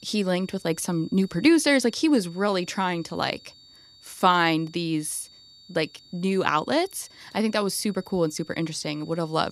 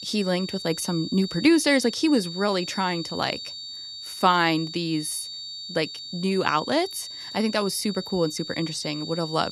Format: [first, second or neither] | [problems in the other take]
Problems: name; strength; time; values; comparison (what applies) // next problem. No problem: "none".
first | high-pitched whine; loud; throughout; 4.5 kHz, 9 dB below the speech; faint in the first